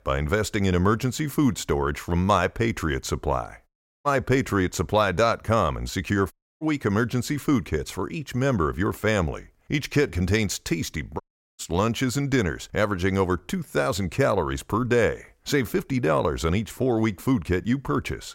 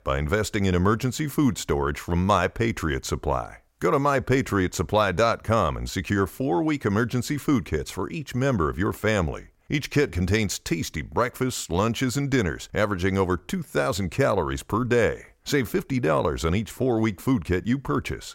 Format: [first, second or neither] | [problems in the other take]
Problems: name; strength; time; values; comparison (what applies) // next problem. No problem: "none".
second | audio cutting out; at 3.5 s, at 6.5 s and at 11 s